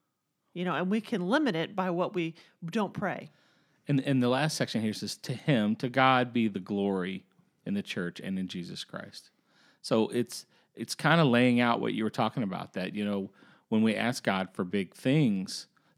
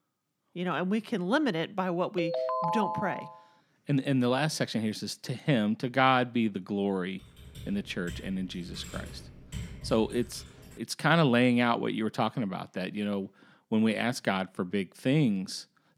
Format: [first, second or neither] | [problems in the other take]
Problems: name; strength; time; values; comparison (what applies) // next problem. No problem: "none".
first | phone ringing; noticeable; from 2 to 3.5 s; peak 1 dB below the speech // keyboard typing; faint; from 7 to 11 s; peak 10 dB below the speech